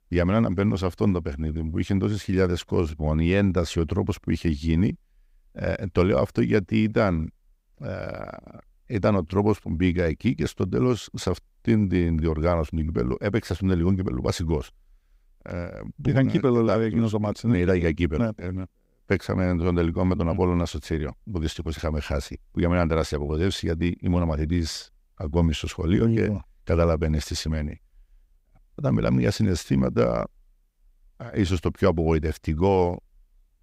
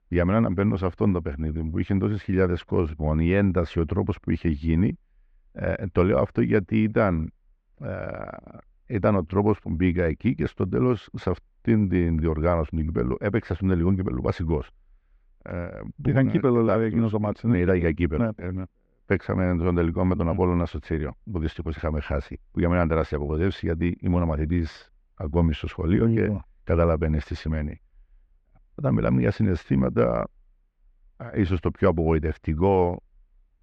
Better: first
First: none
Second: muffled; very; fading above 2 kHz

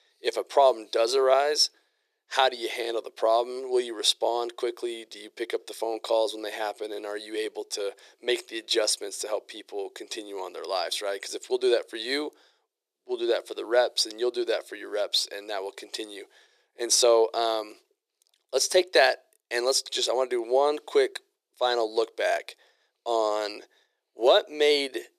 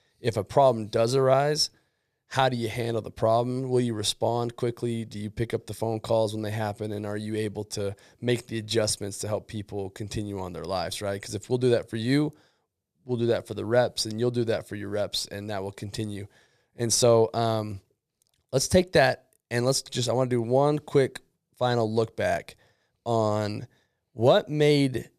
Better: second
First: thin; very; fading below 350 Hz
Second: none

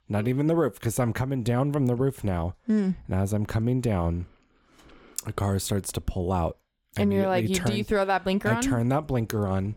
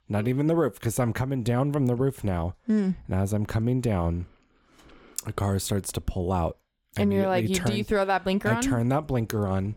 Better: neither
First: none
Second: none

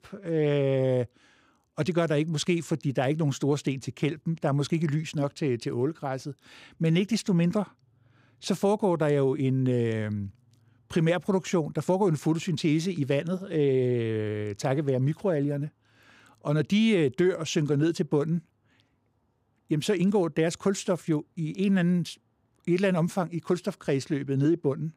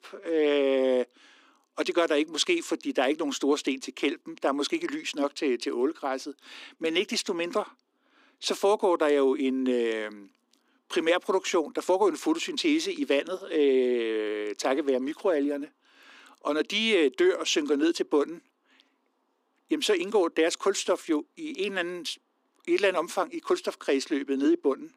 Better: first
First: none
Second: thin; somewhat; fading below 250 Hz

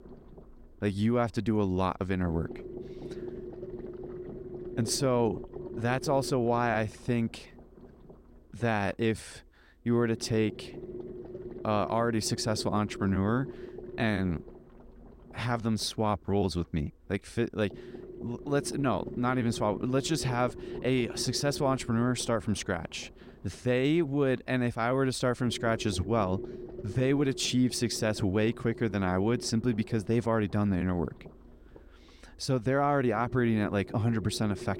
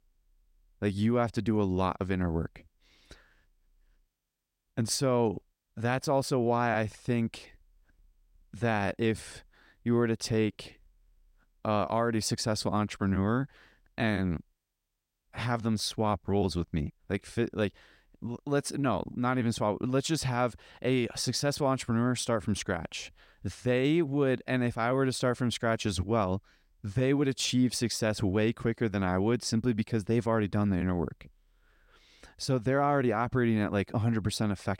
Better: second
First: low rumble; noticeable; throughout; 15 dB below the speech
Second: none

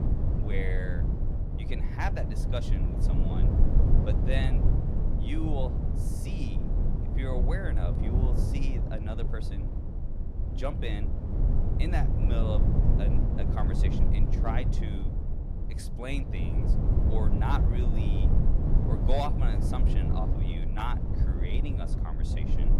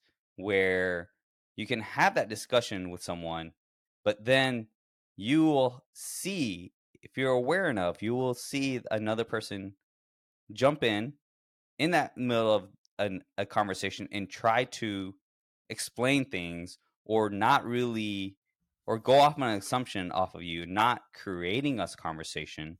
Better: second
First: low rumble; loud; throughout; 2 dB below the speech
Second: none

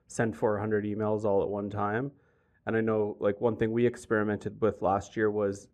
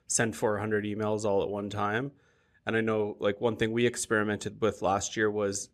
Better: second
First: muffled; very; fading above 2 kHz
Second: none

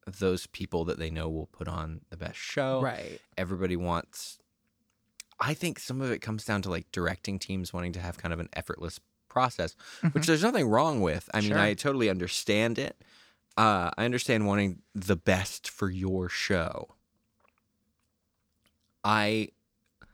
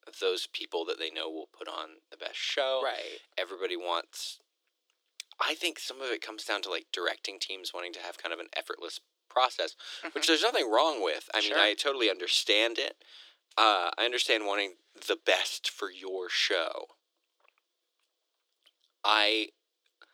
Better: first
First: none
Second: thin; very; fading below 300 Hz

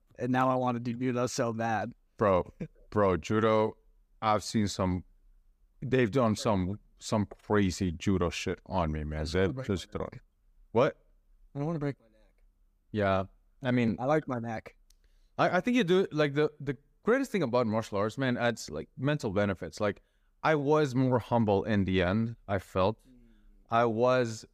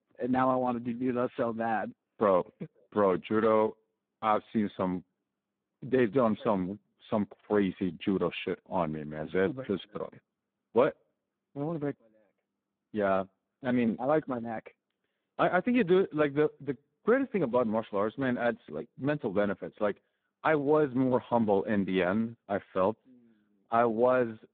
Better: first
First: none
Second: phone-call audio; poor line; nothing above 3.5 kHz

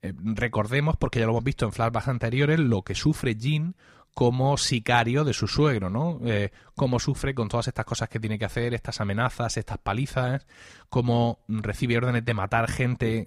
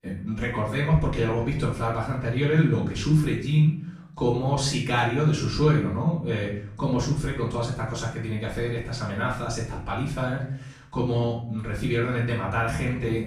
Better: first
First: none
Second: off-mic speech; far // room echo; noticeable; dies away in 0.5 s

